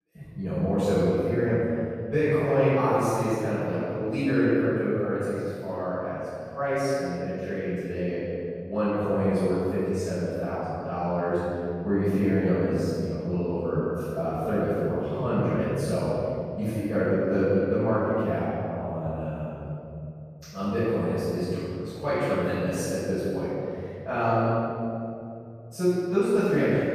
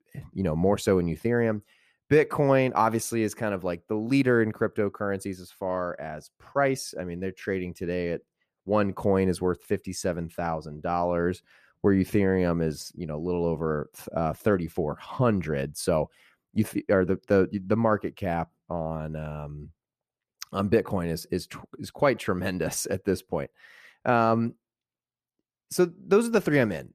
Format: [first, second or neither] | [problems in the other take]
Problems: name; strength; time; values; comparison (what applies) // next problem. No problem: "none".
second | off-mic speech; far // room echo; strong; dies away in 2.8 s